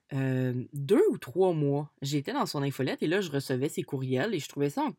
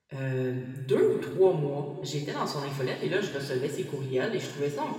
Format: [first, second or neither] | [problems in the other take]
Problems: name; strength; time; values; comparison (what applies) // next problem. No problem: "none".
first | room echo; noticeable; dies away in 2.2 s // off-mic speech; somewhat distant